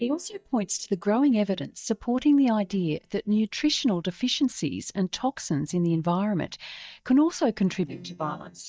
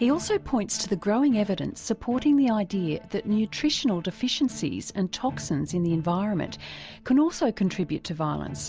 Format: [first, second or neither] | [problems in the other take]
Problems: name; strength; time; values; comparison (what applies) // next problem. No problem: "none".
second | noise reduction (neural mask model DeepFilterNet 3)